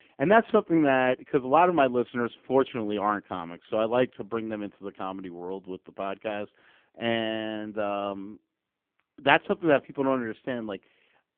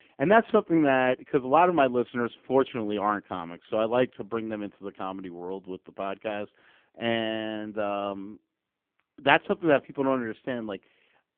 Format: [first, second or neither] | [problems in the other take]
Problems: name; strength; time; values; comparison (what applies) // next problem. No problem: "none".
neither | phone-call audio; poor line; the same in both